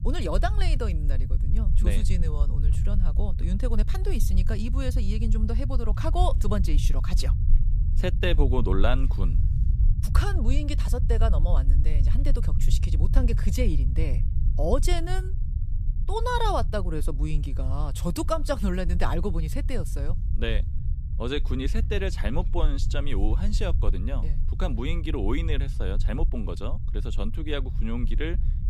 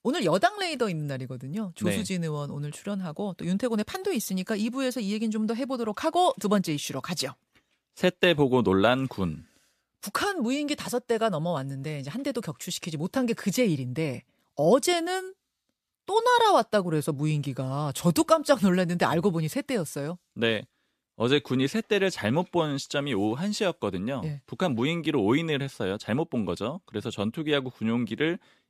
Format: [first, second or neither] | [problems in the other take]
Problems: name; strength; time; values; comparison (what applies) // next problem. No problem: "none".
second | low rumble; noticeable; throughout; 10 dB below the speech